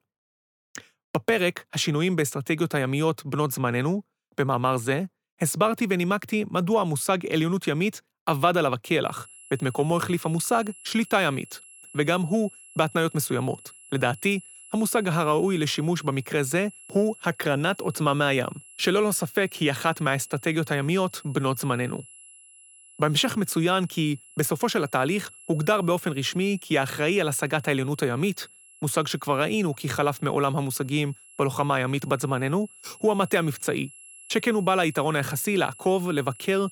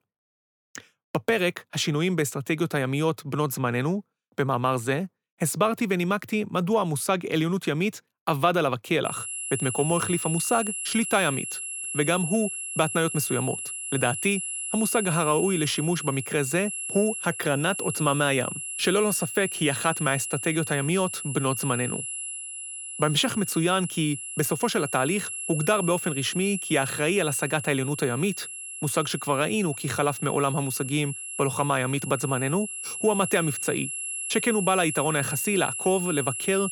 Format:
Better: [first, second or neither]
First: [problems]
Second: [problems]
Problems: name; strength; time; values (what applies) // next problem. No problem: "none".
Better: first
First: high-pitched whine; faint; from 9 s on; 11 kHz, 20 dB below the speech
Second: high-pitched whine; loud; from 9 s on; 11 kHz, 5 dB below the speech